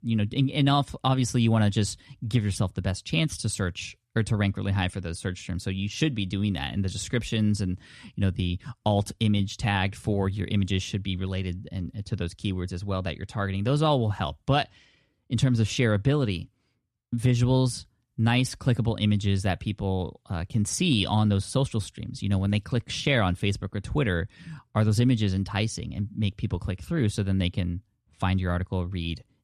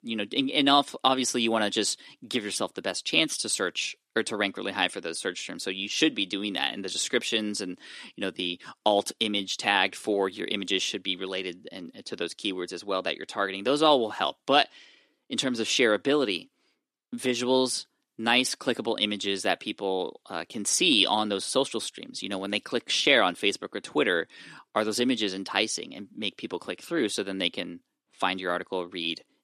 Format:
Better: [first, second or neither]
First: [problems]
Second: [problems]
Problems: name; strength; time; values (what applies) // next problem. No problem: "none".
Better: first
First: none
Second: thin; somewhat; fading below 300 Hz